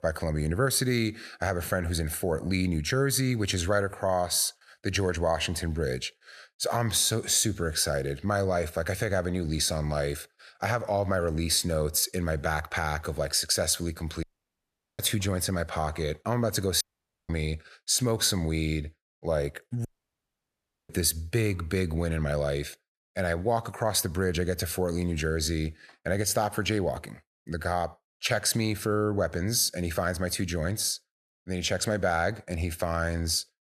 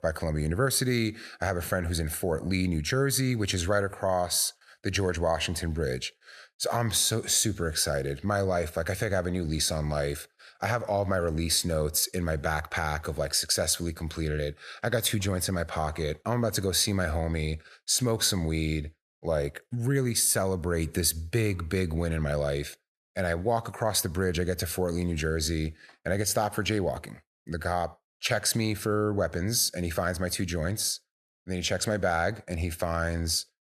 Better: second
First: audio cutting out; at 14 s for 1 s, at 17 s and at 20 s for 1 s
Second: none

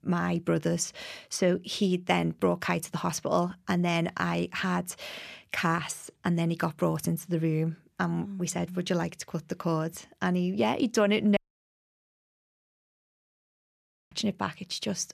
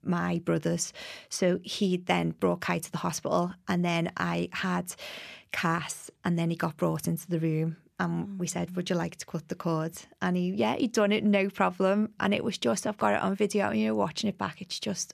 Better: second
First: audio cutting out; at 11 s for 2.5 s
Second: none

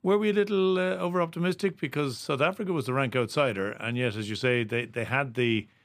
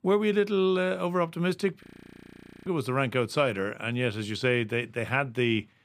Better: first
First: none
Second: audio freezing; at 2 s for 1 s

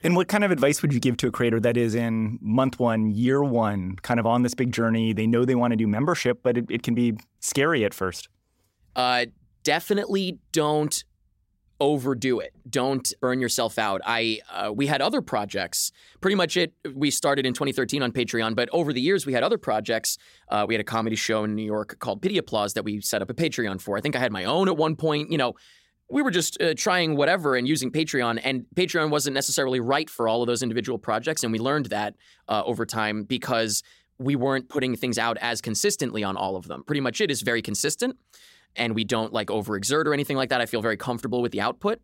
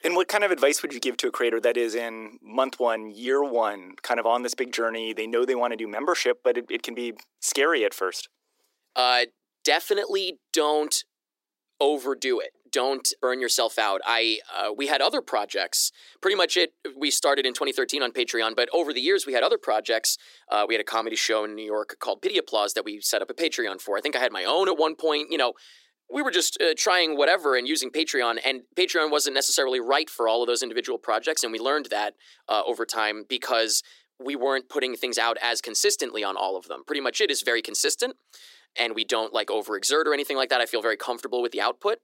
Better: first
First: none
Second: thin; somewhat; fading below 350 Hz

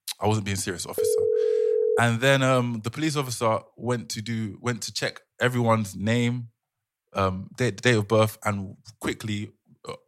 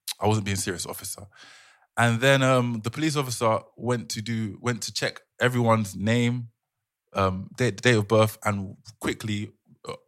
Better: second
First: phone ringing; loud; from 1 to 2 s; peak 3 dB above the speech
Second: none

